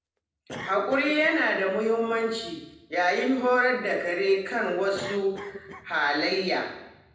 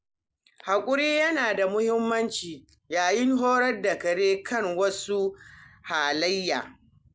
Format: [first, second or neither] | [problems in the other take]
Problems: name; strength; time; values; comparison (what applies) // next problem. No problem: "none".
second | background sound (Cough); 19 dB below the speech // room echo; dies away in 0.8 s